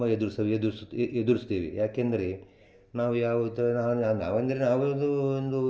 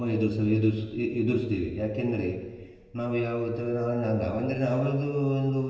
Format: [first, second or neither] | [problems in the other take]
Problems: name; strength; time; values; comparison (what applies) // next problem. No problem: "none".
first | room echo; dies away in 1.2 s